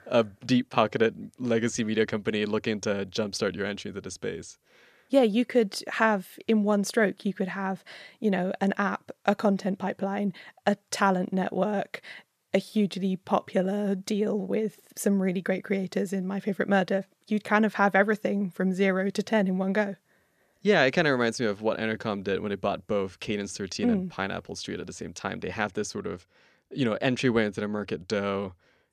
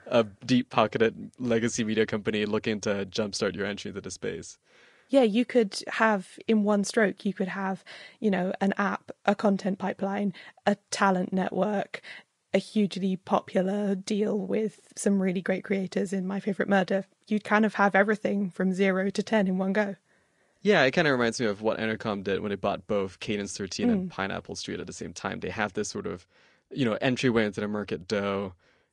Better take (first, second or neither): first